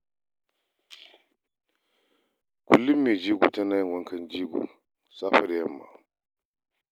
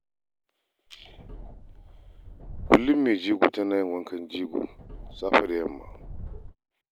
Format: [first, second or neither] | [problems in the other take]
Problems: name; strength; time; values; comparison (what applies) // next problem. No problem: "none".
first | background sound (Subway, metro, underground); 13 dB below the speech